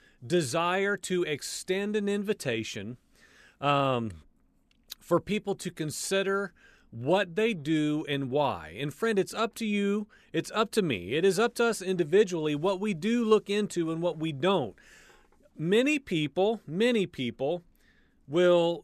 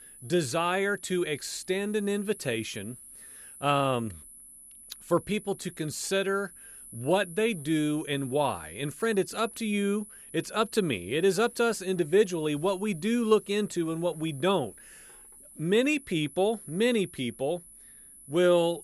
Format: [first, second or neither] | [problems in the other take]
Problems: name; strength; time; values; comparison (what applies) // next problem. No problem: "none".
first | high-pitched whine; noticeable; throughout; 10 kHz, 15 dB below the speech